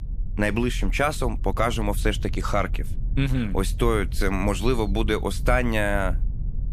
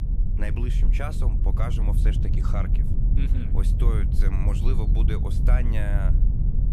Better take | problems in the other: first | low rumble; loud; throughout; 3 dB below the speech; faint in the first

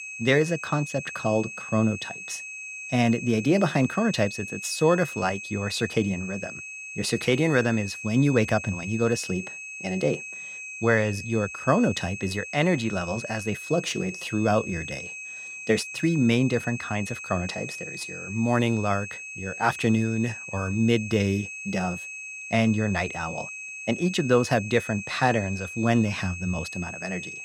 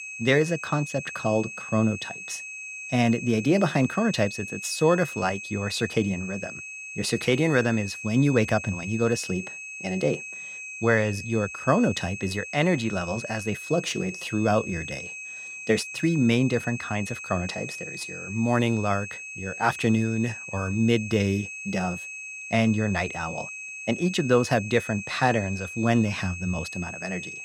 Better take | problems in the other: neither | high-pitched whine; loud; throughout; 2.5 kHz, 10 dB below the speech; the same in both

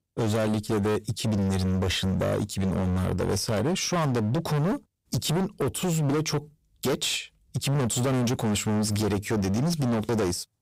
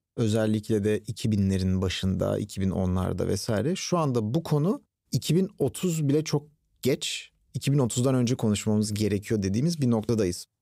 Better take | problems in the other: second | distortion; heavy; 31% of the sound clipped

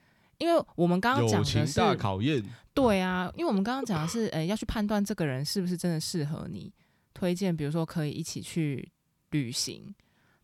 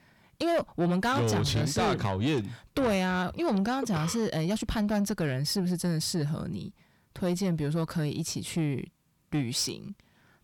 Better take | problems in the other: first | distortion; slight; 10 dB below the speech

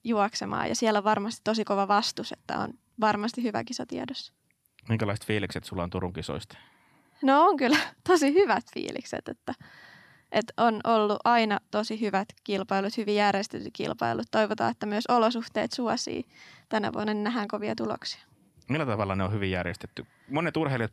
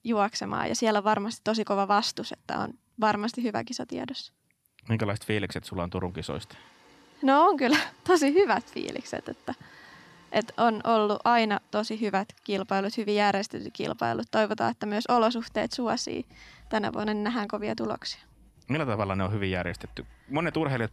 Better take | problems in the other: first | household noises; faint; from 6 s on; 30 dB below the speech

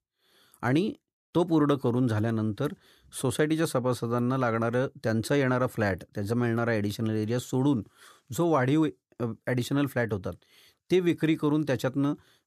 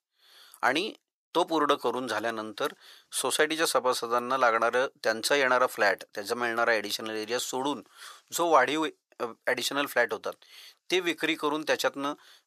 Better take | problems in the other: first | thin; very; fading below 700 Hz

